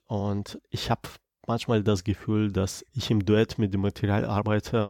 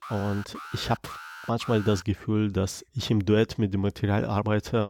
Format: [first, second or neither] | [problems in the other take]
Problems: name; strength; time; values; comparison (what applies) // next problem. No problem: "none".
first | alarm; faint; until 2 s; peak 15 dB below the speech